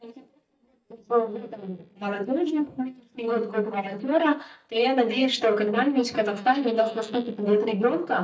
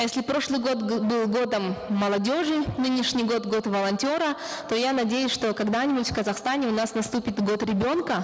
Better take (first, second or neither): second